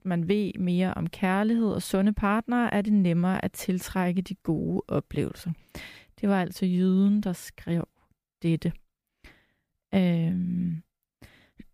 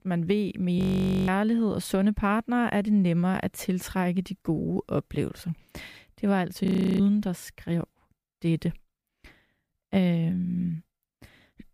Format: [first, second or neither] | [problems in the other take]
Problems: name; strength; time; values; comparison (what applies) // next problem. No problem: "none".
first | audio freezing; at 1 s and at 6.5 s